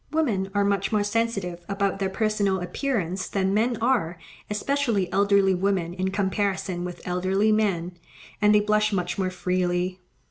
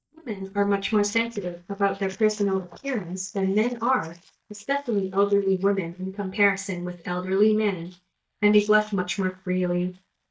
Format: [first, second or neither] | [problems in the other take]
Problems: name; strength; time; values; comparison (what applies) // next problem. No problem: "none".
first | noise reduction (neural mask model DeepFilterNet 3)